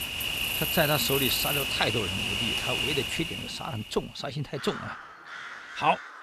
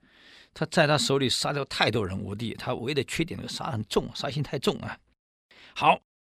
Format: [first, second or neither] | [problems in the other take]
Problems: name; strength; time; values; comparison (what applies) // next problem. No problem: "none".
second | animal sounds; very loud; throughout; 2 dB above the speech